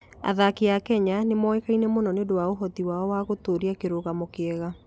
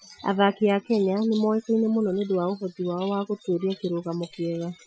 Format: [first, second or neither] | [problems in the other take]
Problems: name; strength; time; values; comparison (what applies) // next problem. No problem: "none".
first | noise reduction (classical method Wiener filter)